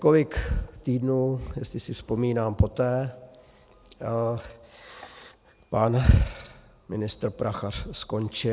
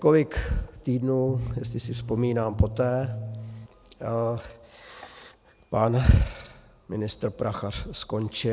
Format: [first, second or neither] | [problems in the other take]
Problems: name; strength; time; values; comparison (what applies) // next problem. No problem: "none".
first | background sound (Bass guitar); 8 dB below the speech